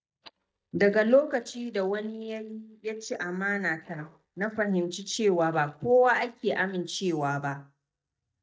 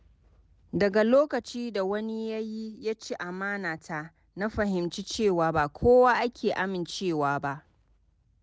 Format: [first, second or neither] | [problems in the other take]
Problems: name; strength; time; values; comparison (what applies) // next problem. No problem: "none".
second | noise reduction (neural mask model DeepFilterNet 3)